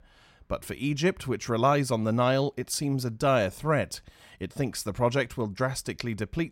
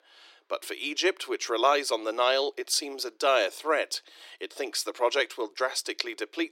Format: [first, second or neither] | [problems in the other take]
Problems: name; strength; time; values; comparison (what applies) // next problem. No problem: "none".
first | thin; very; fading below 300 Hz